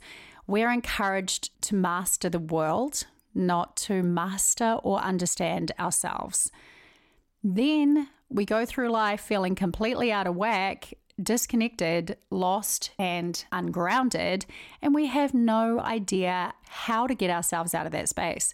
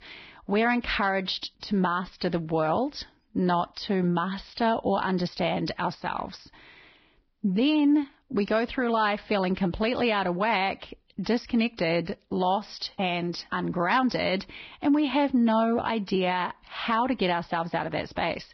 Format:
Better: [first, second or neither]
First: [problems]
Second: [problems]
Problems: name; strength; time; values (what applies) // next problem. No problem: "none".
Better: first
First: none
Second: garbled, watery; badly; nothing above 5.5 kHz